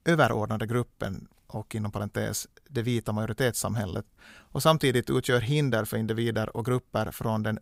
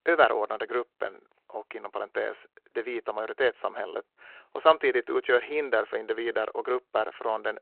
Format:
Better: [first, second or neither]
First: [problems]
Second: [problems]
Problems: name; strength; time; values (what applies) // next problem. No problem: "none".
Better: first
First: none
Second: phone-call audio